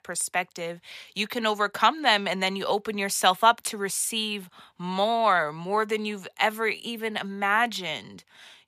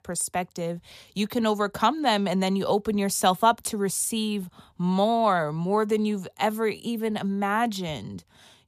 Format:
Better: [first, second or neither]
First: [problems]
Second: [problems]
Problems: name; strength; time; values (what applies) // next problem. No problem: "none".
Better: second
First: thin; somewhat; fading below 400 Hz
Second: none